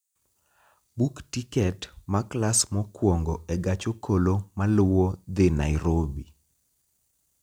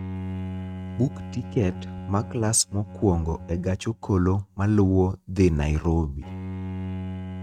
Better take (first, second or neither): first